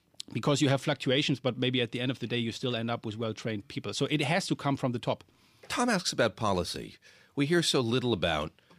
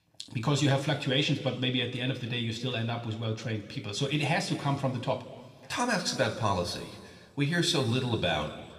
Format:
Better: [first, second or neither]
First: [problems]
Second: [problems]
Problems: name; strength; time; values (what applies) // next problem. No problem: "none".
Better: first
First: none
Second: room echo; slight; dies away in 1.6 s